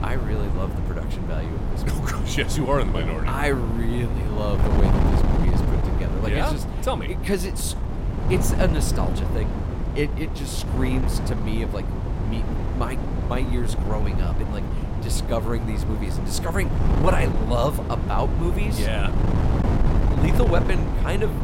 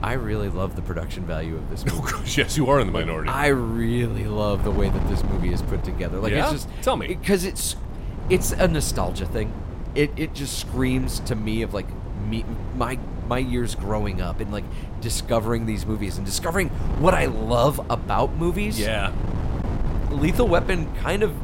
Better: second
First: wind noise on the microphone; heavy; 4 dB below the speech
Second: wind noise on the microphone; occasional gusts; 15 dB below the speech

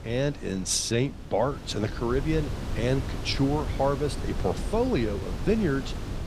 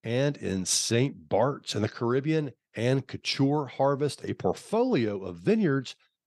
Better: second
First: wind noise on the microphone; occasional gusts; 10 dB below the speech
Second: none

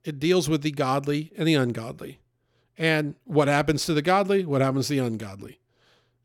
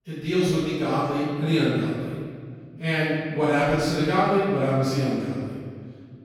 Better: first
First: none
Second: room echo; strong; dies away in 1.8 s // off-mic speech; far

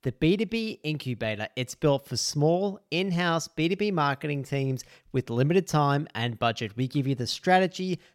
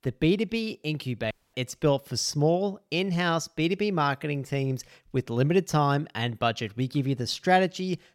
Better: first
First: none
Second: audio cutting out; at 1.5 s

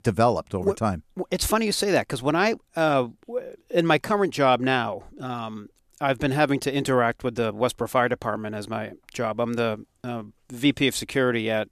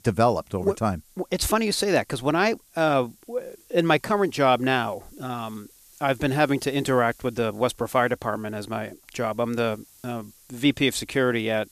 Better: first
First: none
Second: hiss; faint; throughout; 30 dB below the speech

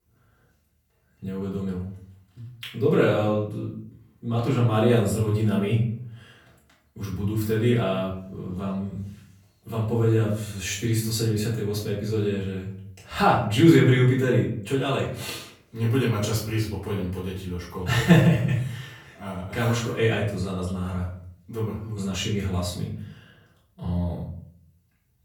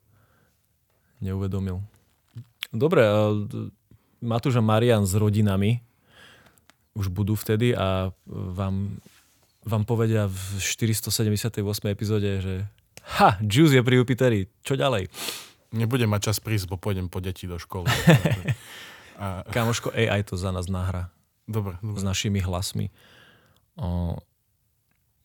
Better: second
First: off-mic speech; far // room echo; noticeable; dies away in 0.5 s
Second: none

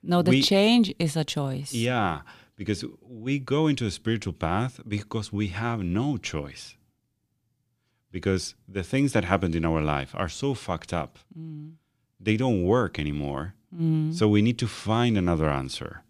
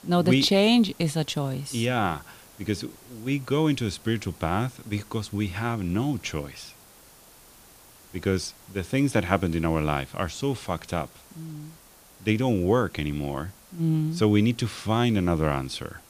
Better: first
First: none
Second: hiss; faint; throughout; 25 dB below the speech

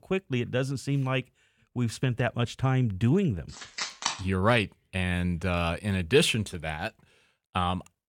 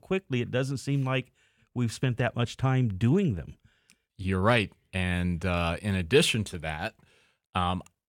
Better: second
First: phone ringing; noticeable; at 3.5 s; peak 2 dB below the speech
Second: none

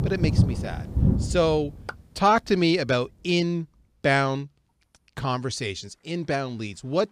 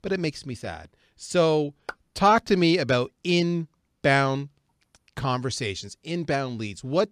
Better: second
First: rain or running water; loud; throughout; as loud as the speech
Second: none

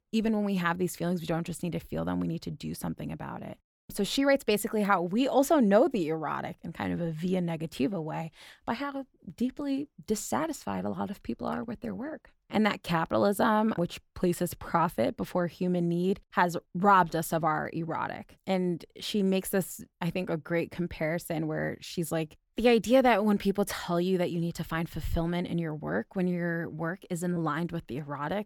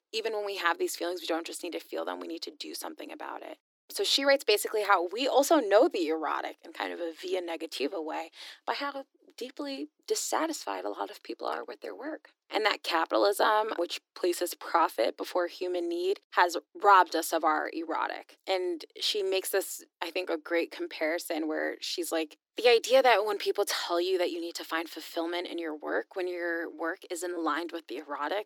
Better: first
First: none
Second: thin; very; fading below 300 Hz

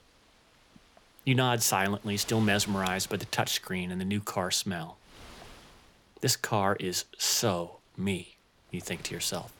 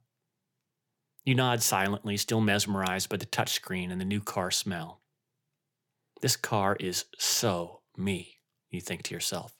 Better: second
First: wind noise on the microphone; occasional gusts; 20 dB below the speech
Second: none

